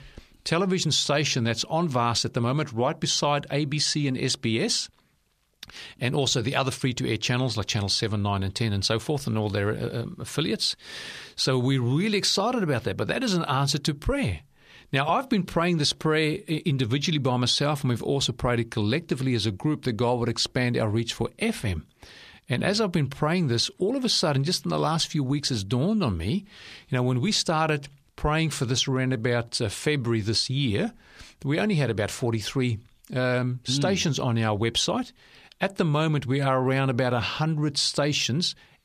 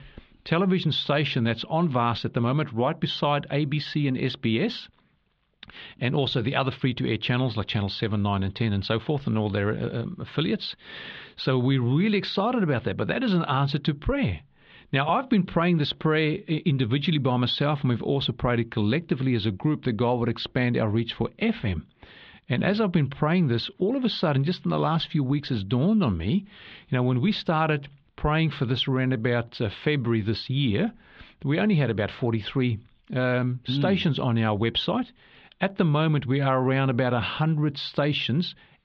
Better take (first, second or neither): first